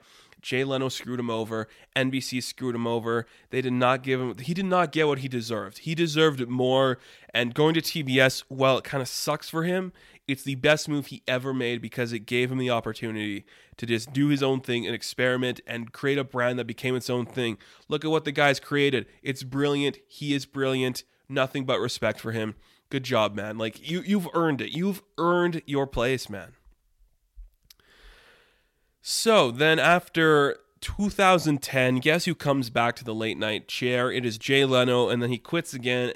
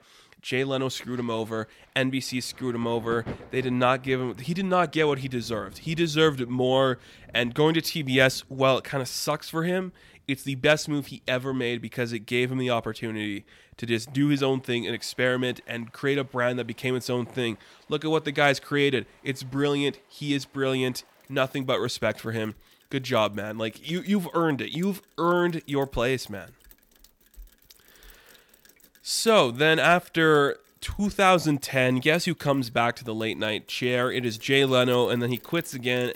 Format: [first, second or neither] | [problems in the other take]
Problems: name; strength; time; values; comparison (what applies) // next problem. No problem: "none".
first | rain or running water; faint; throughout; 25 dB below the speech